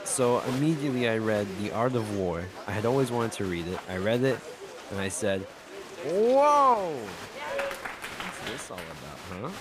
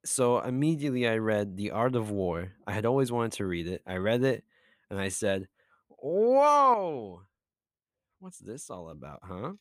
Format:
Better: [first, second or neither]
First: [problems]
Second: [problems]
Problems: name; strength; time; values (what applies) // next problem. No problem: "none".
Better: second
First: crowd noise; noticeable; throughout; 10 dB below the speech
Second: none